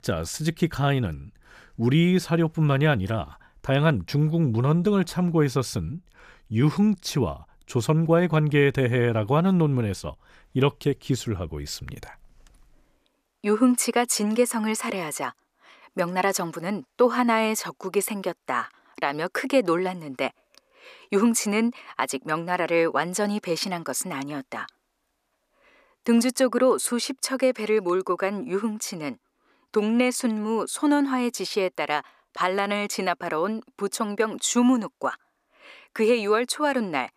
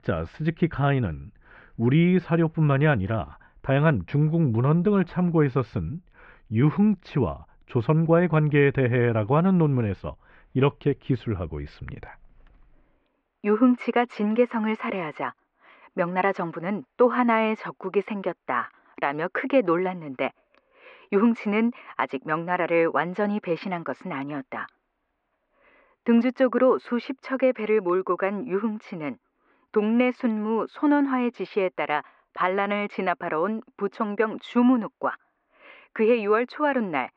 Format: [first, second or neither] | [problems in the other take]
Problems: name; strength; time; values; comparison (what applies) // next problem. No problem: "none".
first | muffled; very; fading above 2.5 kHz